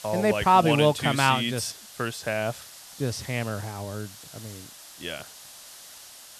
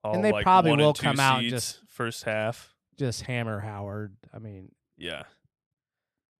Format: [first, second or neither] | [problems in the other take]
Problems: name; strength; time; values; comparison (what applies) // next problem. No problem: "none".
second | hiss; noticeable; throughout; 20 dB below the speech